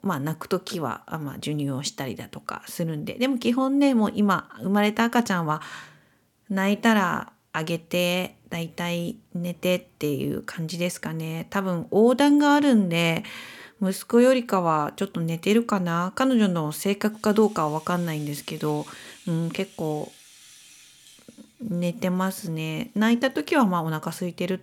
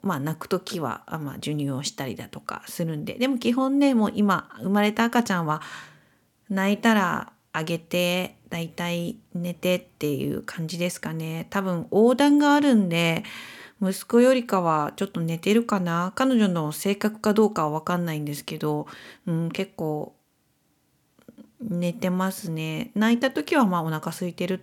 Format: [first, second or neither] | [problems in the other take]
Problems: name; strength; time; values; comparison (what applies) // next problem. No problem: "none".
second | background music; faint; throughout; 25 dB below the speech